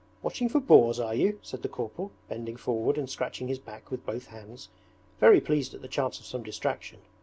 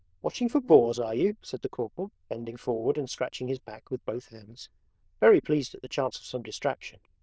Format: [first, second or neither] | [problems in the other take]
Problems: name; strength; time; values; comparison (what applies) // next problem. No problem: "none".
first | noise reduction (neural diffusion model UNIVERSE++)